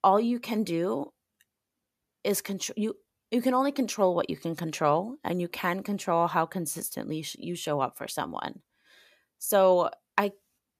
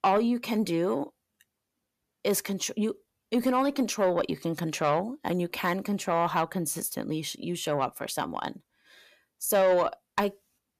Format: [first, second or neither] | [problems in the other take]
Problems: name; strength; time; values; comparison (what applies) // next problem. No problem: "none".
first | distortion; slight; 10 dB below the speech